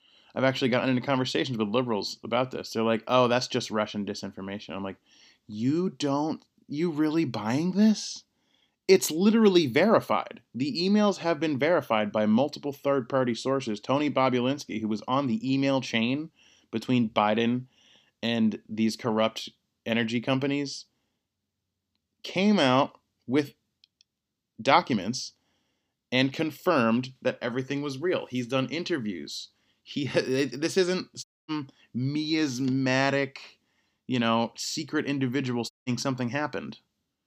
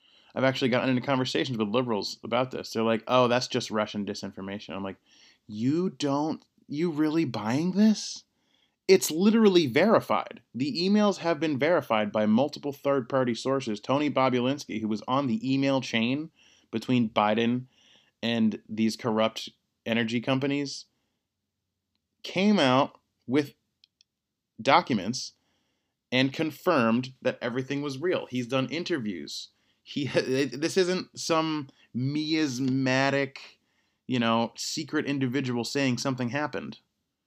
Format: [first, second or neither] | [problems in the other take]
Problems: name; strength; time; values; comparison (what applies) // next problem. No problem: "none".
second | audio cutting out; at 31 s and at 36 s